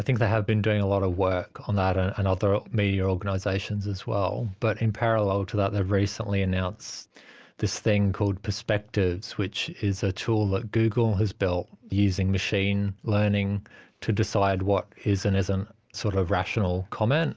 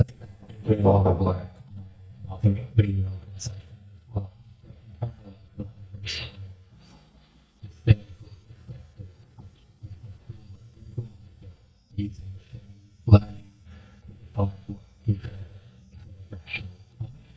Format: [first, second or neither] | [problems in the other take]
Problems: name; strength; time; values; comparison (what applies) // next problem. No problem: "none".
first | noise reduction (neural mask model DeepFilterNet 3)